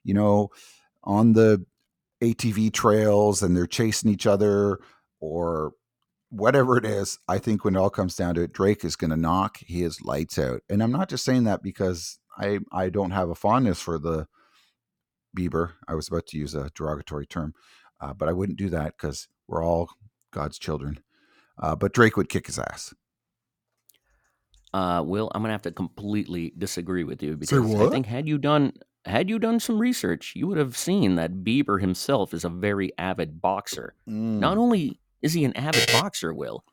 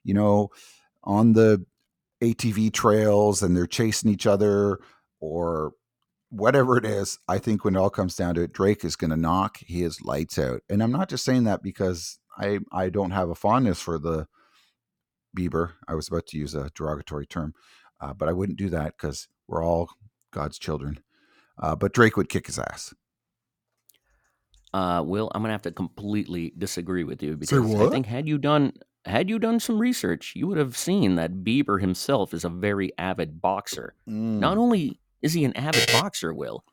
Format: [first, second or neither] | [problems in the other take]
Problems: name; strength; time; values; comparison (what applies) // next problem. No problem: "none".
neither | alarm; loud; at 36 s; peak 5 dB above the speech; the same in both